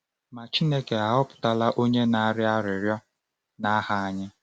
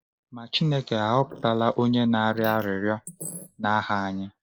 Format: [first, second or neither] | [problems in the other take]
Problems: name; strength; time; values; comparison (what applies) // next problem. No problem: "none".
first | noise reduction (neural mask model Resemble Enhance denoiser)